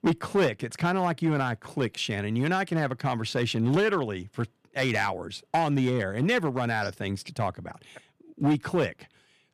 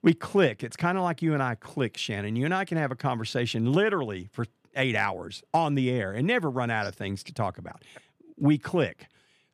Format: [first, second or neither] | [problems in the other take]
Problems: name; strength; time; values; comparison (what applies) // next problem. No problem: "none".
second | distortion; slight; 4% of the sound clipped